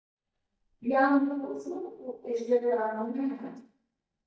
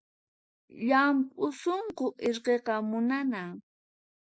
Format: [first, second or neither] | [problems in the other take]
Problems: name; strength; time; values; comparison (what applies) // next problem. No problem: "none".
second | noise reduction (neural mask model DeepFilterNet 3)